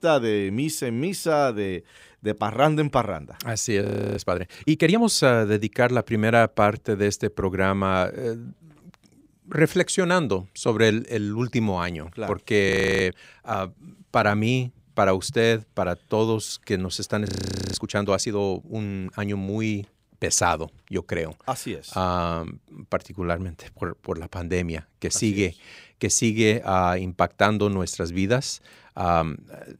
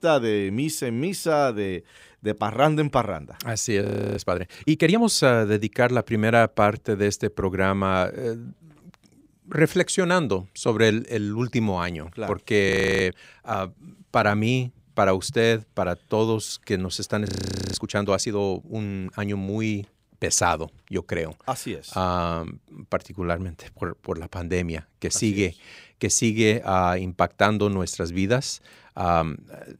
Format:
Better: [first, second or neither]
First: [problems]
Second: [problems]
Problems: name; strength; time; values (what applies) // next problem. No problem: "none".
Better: neither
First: audio freezing; at 4 s, at 13 s and at 17 s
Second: audio freezing; at 4 s, at 13 s and at 17 s